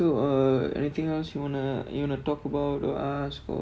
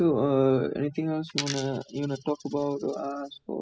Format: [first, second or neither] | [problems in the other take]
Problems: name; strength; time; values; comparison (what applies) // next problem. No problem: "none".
first | noise reduction (classical method spectral subtraction)